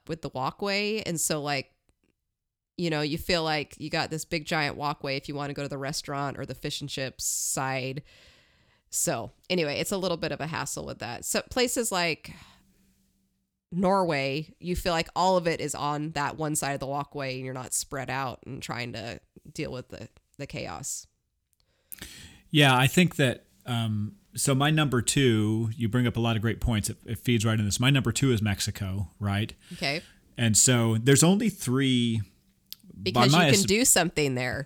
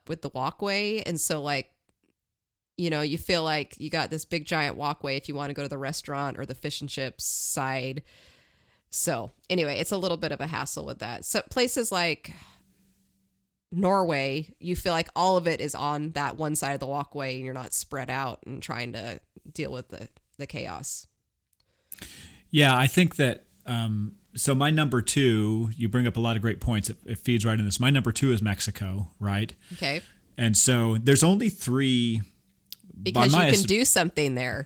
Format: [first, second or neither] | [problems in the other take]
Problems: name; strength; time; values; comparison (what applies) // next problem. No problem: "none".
first | garbled, watery; slightly